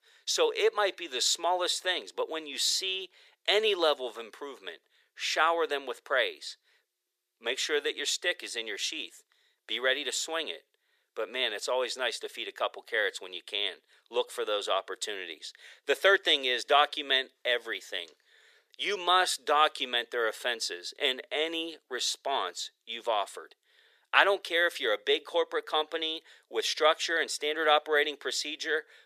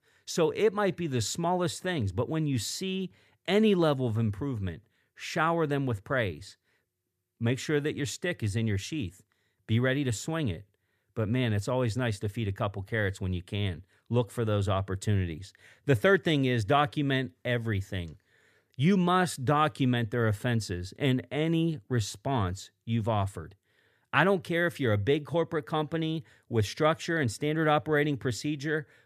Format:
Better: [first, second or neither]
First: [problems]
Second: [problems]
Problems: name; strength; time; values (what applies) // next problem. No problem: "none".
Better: second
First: thin; very; fading below 400 Hz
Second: none